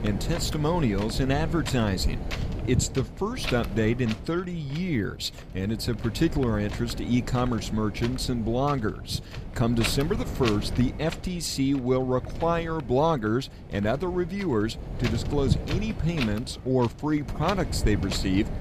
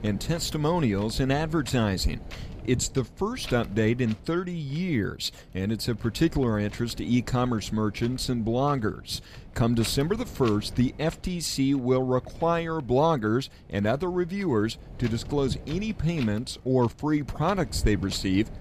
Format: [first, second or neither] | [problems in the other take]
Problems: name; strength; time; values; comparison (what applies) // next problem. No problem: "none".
second | wind noise on the microphone; heavy; 9 dB below the speech; occasional gusts in the second